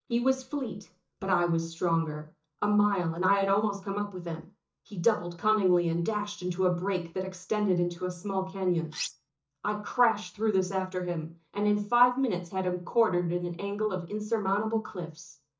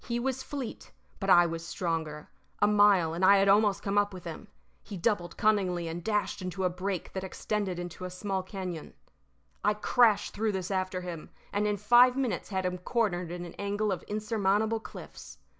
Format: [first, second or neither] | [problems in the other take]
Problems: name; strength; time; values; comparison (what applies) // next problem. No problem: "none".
second | noise reduction (neural mask model DeepFilterNet 3)